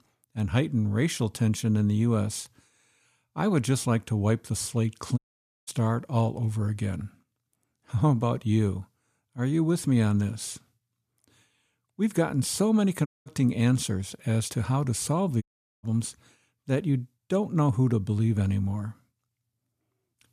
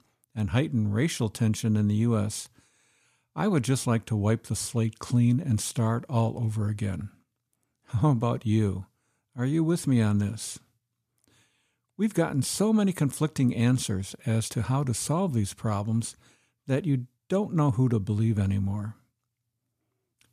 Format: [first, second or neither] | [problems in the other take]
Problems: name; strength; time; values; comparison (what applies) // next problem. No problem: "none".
second | audio cutting out; at 5 s, at 13 s and at 15 s